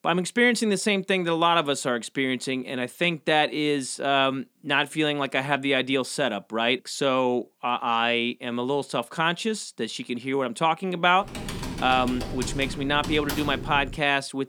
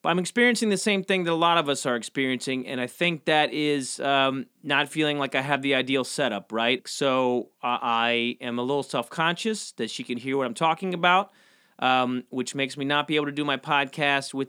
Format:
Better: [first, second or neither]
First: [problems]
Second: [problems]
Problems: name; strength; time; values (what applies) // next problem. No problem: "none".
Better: second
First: keyboard typing; noticeable; from 11 to 14 s; peak 7 dB below the speech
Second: none